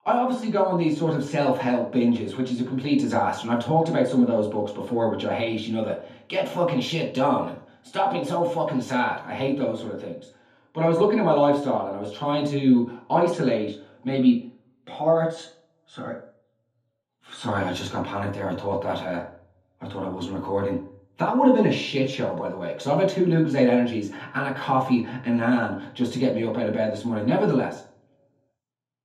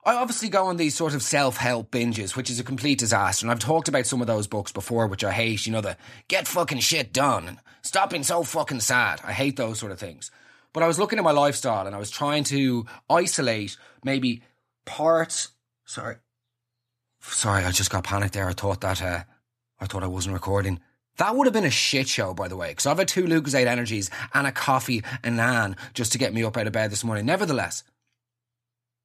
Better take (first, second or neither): second